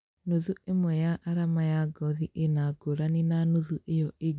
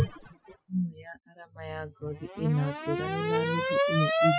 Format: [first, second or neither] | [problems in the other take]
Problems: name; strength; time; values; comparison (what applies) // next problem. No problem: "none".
first | noise reduction (classical method Wiener filter)